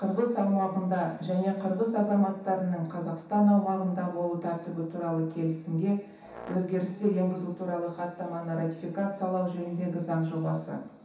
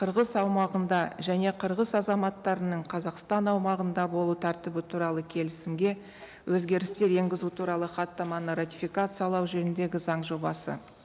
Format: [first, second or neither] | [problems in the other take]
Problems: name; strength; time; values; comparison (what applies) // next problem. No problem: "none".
second | background sound (Brass instrument); 19 dB below the speech // room echo; dies away in 0.7 s